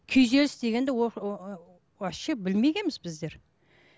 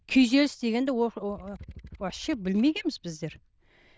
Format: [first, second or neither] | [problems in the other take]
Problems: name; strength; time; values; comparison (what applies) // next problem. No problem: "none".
first | noise reduction (neural diffusion model UNIVERSE++)